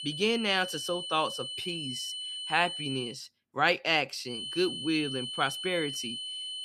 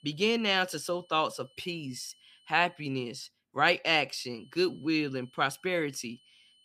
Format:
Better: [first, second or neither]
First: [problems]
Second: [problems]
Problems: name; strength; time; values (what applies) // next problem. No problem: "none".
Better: second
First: high-pitched whine; loud; until 3 s and from 4.5 s on; 3 kHz, 5 dB below the speech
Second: high-pitched whine; faint; until 3 s and from 4.5 s on; 3 kHz, 30 dB below the speech